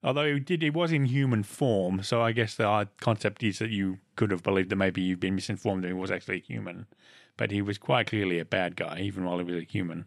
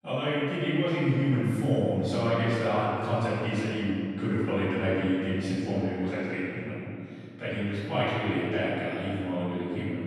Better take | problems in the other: first | off-mic speech; far // room echo; strong; dies away in 2.5 s

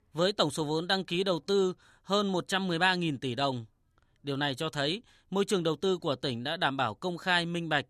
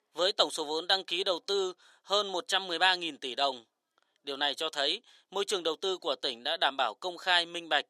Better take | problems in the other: first | thin; very; fading below 400 Hz

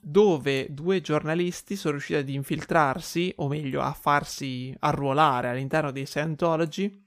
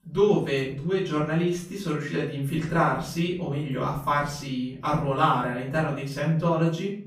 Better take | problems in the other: first | off-mic speech; far // room echo; noticeable; dies away in 0.5 s

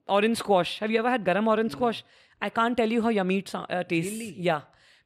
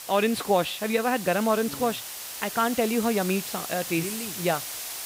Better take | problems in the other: first | hiss; loud; throughout; 7 dB below the speech

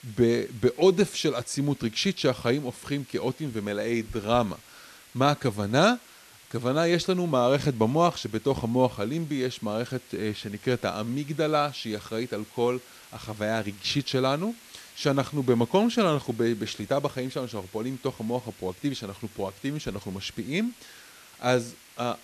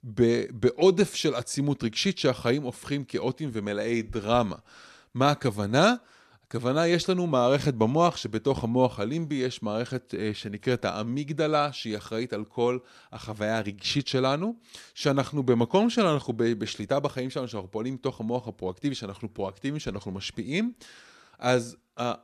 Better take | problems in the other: second | hiss; faint; throughout; 20 dB below the speech

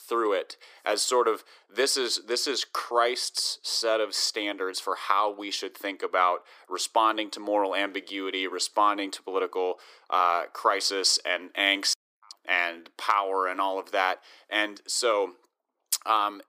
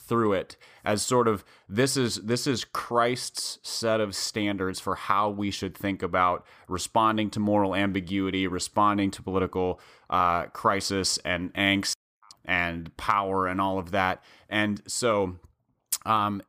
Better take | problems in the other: second | thin; somewhat; fading below 350 Hz

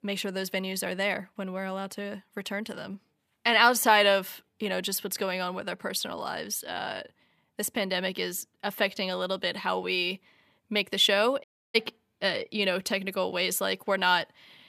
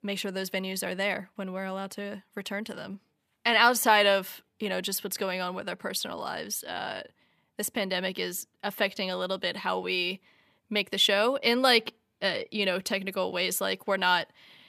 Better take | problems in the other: second | audio cutting out; at 11 s

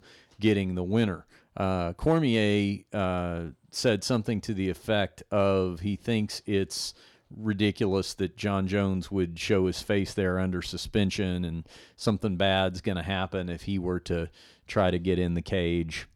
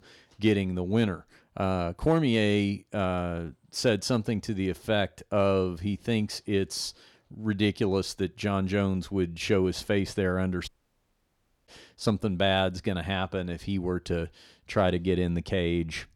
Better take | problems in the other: first | audio cutting out; at 11 s for 1 s

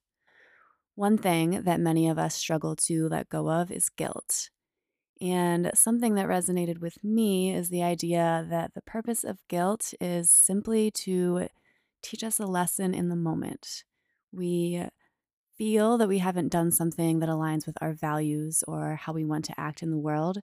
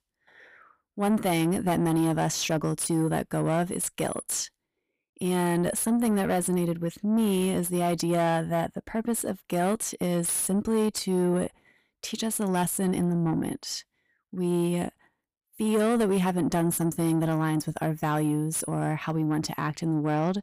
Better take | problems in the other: first | distortion; heavy; 8 dB below the speech

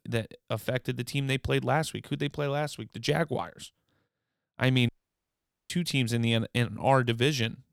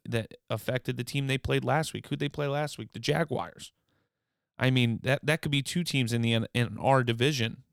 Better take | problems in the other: second | audio cutting out; at 5 s for 1 s

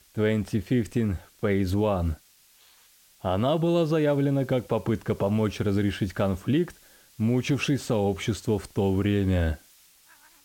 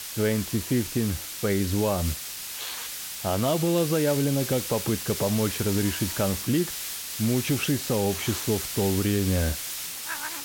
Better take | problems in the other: first | hiss; loud; throughout; 5 dB below the speech; faint in the first

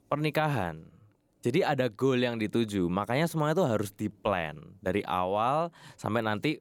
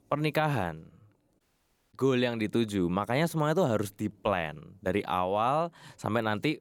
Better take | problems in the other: first | audio cutting out; at 1.5 s for 0.5 s

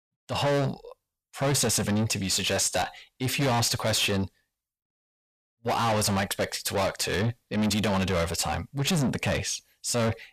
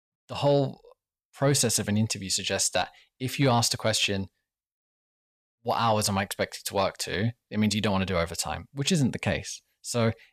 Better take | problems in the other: second | distortion; heavy; 7 dB below the speech

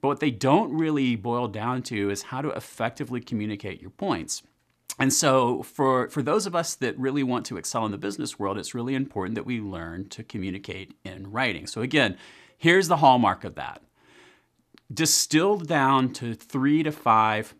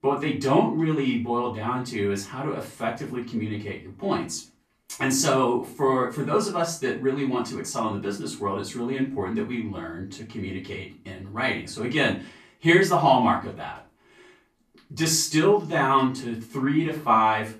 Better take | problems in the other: first | off-mic speech; far // room echo; slight; dies away in 0.3 s

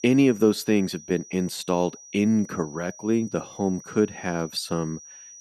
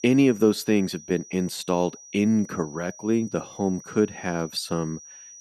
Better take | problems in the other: neither | high-pitched whine; noticeable; throughout; 6 kHz, 20 dB below the speech; the same in both

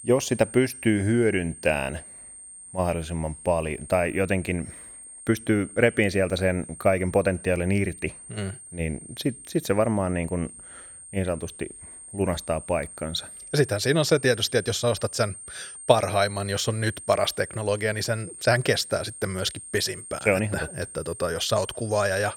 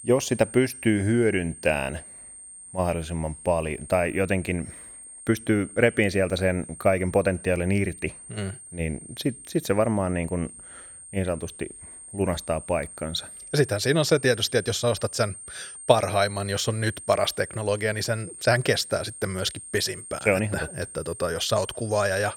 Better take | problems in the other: neither | high-pitched whine; noticeable; throughout; 8.5 kHz, 15 dB below the speech; the same in both

